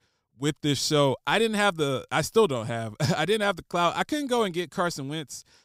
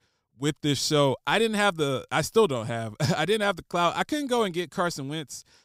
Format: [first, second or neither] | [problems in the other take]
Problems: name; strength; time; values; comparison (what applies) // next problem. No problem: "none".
neither | none